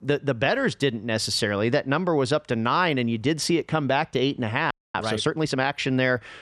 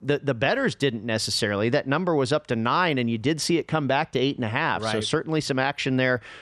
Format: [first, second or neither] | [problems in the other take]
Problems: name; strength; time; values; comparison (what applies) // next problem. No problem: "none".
second | audio freezing; at 4.5 s